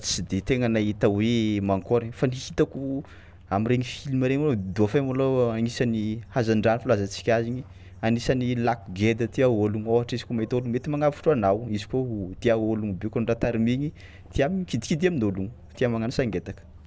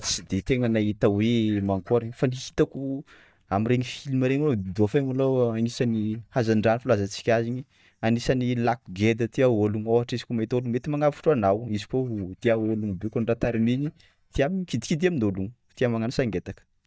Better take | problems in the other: first | noise reduction (neural mask model DeepFilterNet 3)

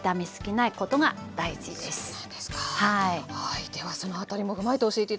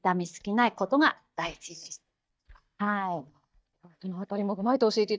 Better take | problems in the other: first | noise reduction (neural mask model DeepFilterNet 3)

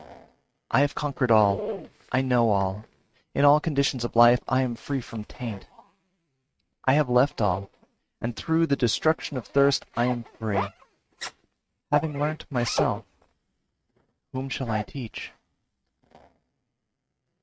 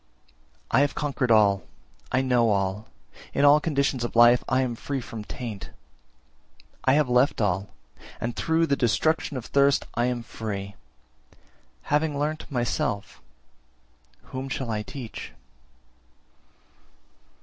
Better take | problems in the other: second | noise reduction (neural mask model RNNoise)

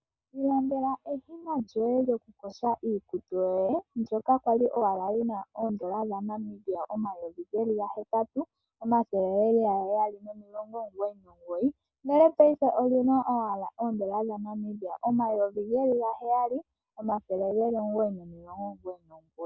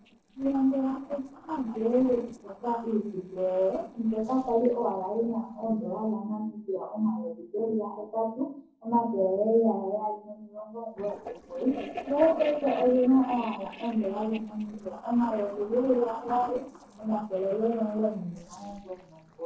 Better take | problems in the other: first | noise reduction (neural separator model SepFormer DNS4)

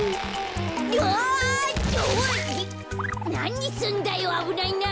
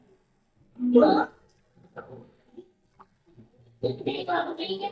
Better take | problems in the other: first | noise reduction (neural mask model DeepFilterNet 3)

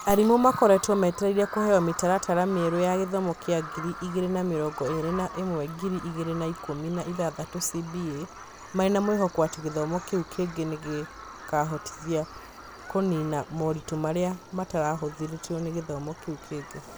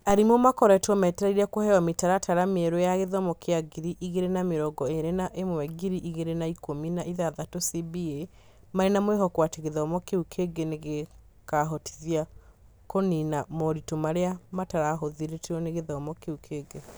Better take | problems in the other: second | background sound (Bird vocalization, bird call, bird song); 14 dB below the speech

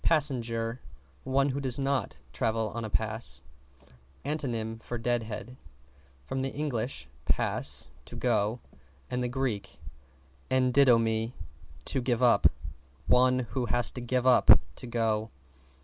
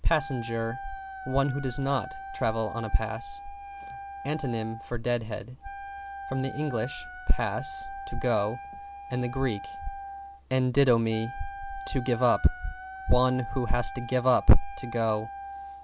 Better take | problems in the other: first | background sound (Wind instrument, woodwind instrument); 13 dB below the speech

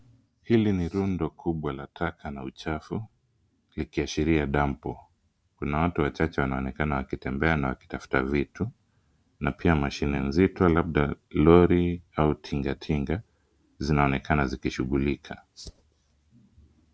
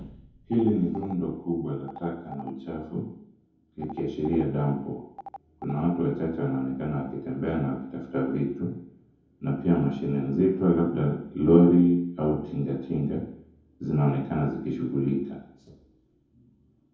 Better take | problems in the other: first | background sound (Telephone); 19 dB below the speech // room echo; dies away in 0.7 s

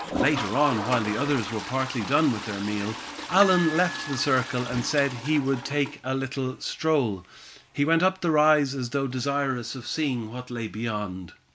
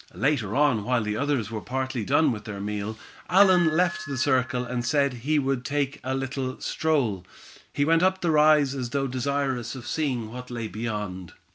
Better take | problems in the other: second | background sound (Toilet flush); 12 dB below the speech

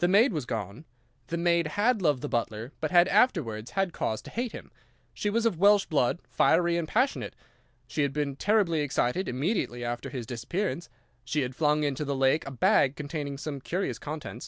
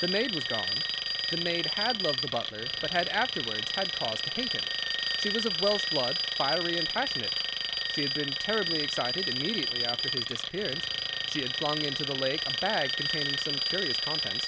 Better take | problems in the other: first | background sound (Alarm); 3 dB above the speech

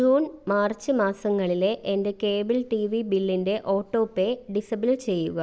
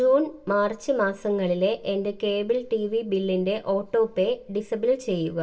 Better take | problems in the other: first | room echo; dies away in 0.2 s

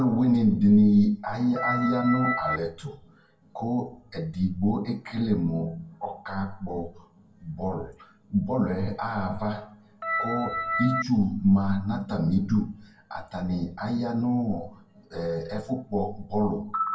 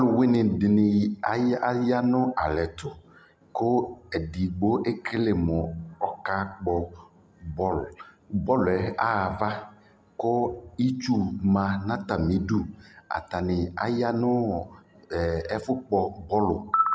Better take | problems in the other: second | background sound (Organ); 2 dB below the speech // room echo; dies away in 0.2 s

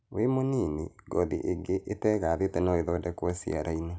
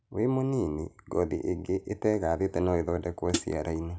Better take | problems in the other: first | background sound (Hi-hat); 3 dB below the speech

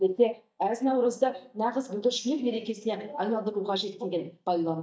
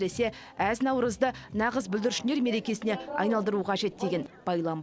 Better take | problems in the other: second | noise reduction (neural mask model DeepFilterNet 3)

